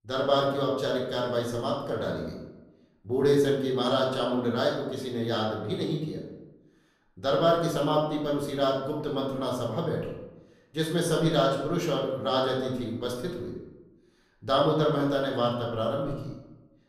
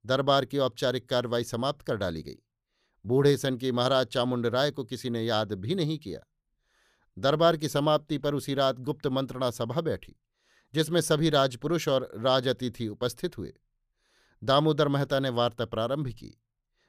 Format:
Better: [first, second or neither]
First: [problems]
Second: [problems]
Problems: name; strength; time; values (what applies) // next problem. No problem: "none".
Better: second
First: room echo; noticeable; dies away in 0.8 s // off-mic speech; far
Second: none